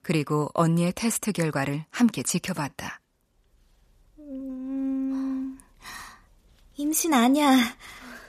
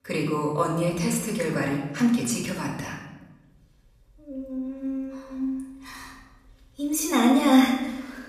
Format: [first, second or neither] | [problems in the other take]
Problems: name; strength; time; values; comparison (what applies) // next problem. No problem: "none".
first | off-mic speech; far // room echo; noticeable; dies away in 0.9 s